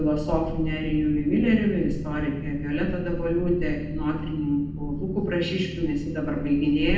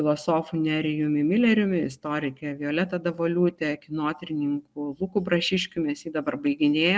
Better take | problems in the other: second | background sound (Boat, Water vehicle); 5 dB below the speech // room echo; dies away in 0.8 s

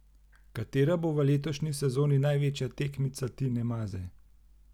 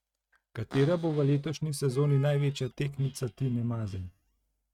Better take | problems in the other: first | noise reduction (neural mask model RNNoise)

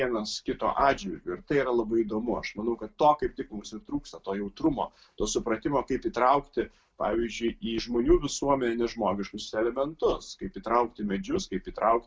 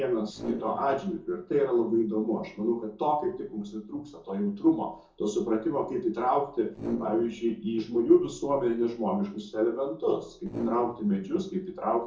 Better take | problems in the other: first | noise reduction (neural separator model SepFormer DNS4)

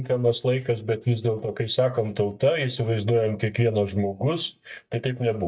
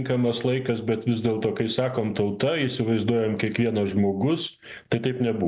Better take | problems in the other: second | noise reduction (neural mask model DeepFilterNet 3)

